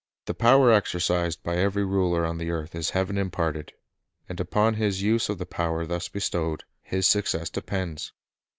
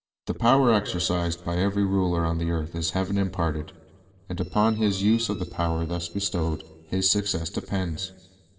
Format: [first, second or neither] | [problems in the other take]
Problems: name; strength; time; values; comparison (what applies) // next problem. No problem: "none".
first | noise reduction (neural separator model SepFormer DNS4)